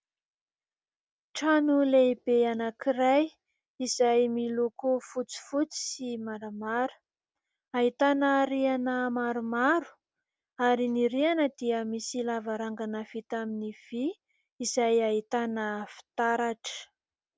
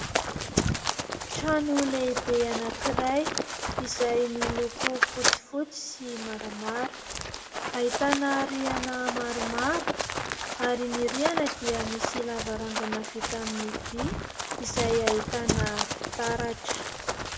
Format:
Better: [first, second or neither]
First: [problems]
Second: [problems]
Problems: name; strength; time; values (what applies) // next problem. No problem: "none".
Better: first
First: none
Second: background sound (Run); 1 dB below the speech // room echo; dies away in 1 s